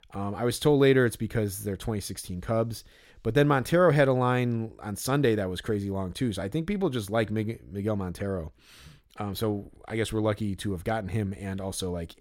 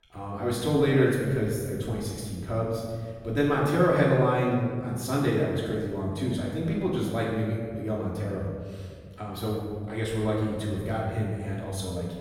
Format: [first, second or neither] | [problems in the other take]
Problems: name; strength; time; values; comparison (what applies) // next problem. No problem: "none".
first | off-mic speech; far // room echo; noticeable; dies away in 1.6 s